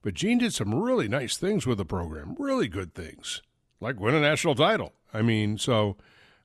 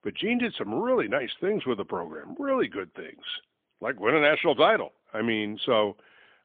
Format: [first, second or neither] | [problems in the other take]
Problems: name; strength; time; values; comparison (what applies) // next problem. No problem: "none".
first | phone-call audio; poor line; nothing above 3.5 kHz